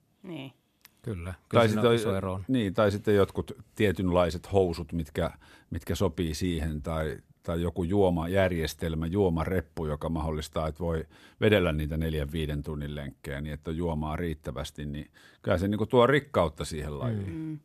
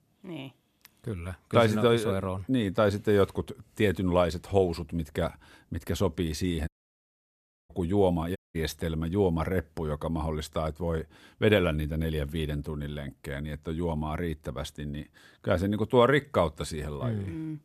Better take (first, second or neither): first